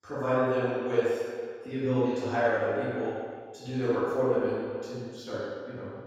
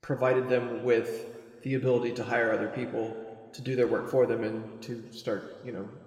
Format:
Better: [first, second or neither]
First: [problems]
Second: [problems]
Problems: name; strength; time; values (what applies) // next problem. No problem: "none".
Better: second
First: room echo; strong; dies away in 1.9 s // off-mic speech; far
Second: room echo; slight; dies away in 2.1 s